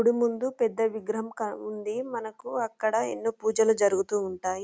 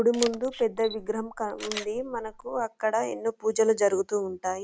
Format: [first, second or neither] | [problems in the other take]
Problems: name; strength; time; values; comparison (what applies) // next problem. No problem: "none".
first | background sound (Camera); 13 dB below the speech